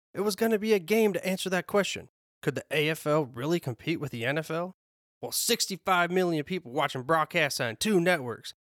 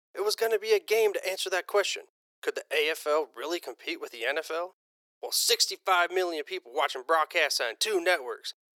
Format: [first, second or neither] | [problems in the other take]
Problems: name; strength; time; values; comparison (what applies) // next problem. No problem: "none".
first | thin; very; fading below 400 Hz